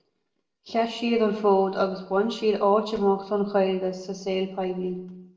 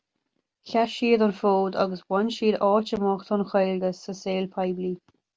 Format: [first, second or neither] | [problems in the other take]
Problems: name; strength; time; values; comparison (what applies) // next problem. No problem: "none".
second | room echo; dies away in 0.6 s